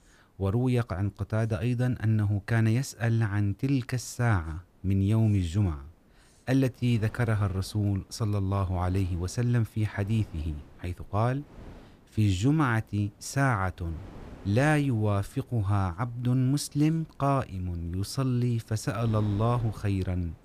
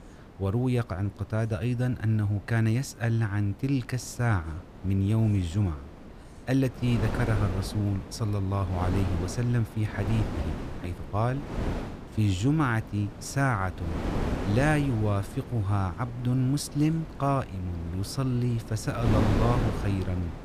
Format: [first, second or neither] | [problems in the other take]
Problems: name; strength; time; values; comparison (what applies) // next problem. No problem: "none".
first | wind noise on the microphone; heavy; 6 dB below the speech; occasional gusts in the first